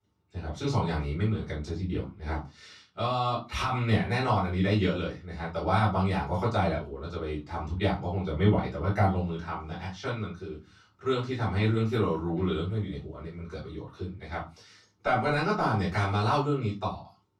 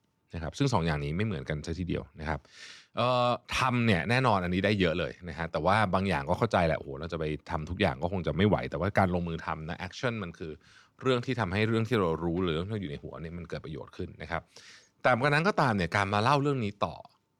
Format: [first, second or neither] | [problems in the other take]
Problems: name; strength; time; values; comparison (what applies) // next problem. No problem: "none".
second | room echo; slight; dies away in 0.2 s // off-mic speech; far